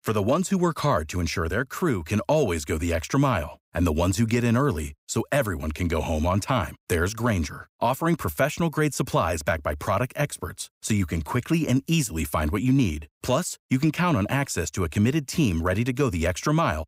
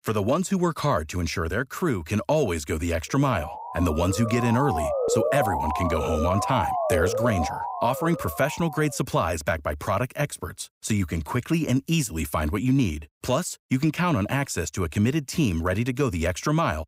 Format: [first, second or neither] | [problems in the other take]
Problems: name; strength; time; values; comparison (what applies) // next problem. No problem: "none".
first | siren; loud; from 3.5 to 9 s; peak 1 dB above the speech